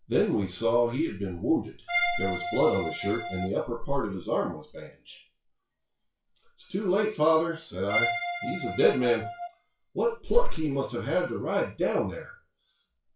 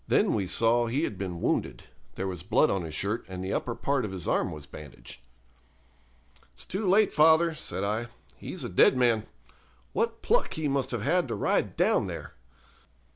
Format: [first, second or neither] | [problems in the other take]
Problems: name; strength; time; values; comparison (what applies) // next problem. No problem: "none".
second | noise reduction (classical method WPE with log-MMSE)